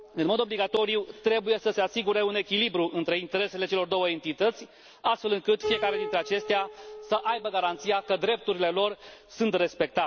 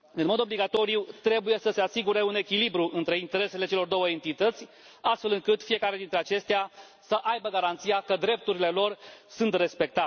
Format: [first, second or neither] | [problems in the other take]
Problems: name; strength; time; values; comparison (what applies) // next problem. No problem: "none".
second | background sound (Piano); 15 dB below the speech